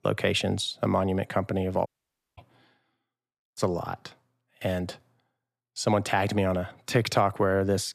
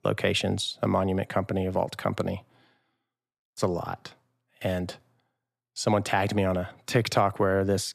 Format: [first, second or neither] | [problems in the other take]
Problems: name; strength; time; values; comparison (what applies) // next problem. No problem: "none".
second | audio cutting out; at 2 s for 0.5 s